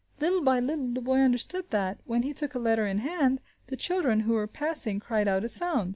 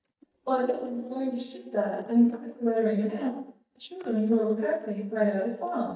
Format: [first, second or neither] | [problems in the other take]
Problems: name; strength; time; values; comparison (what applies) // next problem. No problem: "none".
first | noise reduction (neural mask model DeepFilterNet 3)